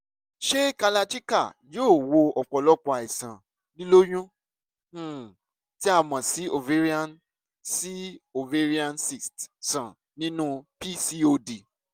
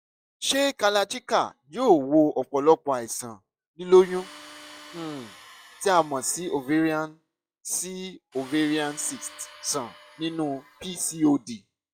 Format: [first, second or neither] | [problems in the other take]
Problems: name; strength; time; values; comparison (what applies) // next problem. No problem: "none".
first | noise reduction (classical method log-MMSE)